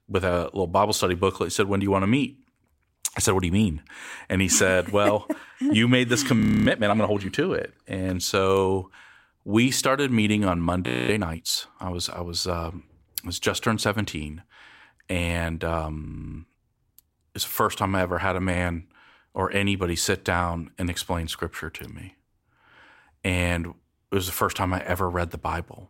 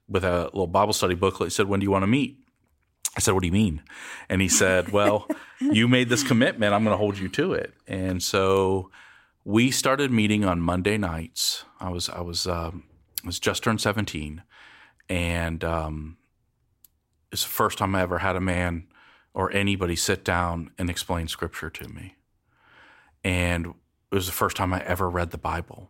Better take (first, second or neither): second